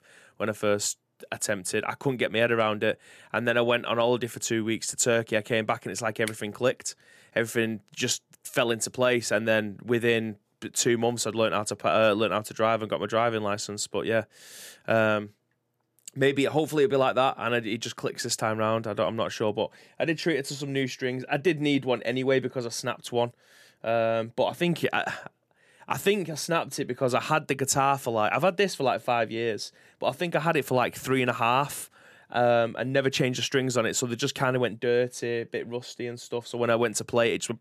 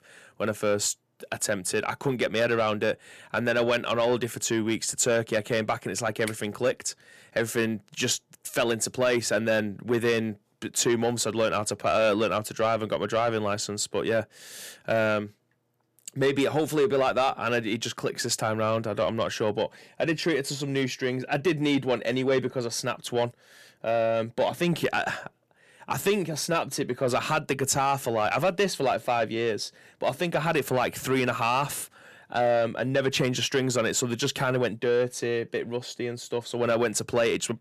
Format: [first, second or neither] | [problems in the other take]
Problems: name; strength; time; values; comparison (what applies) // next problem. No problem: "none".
first | distortion; slight; 10 dB below the speech